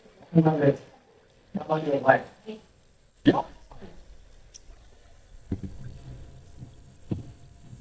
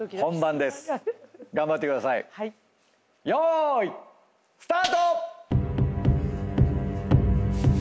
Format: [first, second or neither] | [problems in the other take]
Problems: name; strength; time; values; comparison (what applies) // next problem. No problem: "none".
second | noise reduction (neural mask model DeepFilterNet 3)